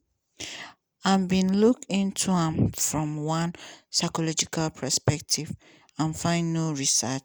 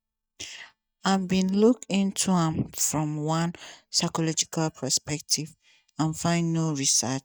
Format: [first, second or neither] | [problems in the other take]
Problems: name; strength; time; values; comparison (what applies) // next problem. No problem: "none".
first | noise reduction (neural mask model DeepFilterNet 3)